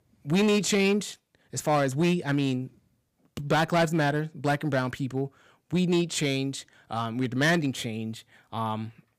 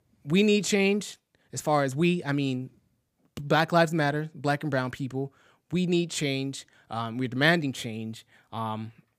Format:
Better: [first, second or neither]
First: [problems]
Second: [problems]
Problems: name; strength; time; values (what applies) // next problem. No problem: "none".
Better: second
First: distortion; slight; 5% of the sound clipped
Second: none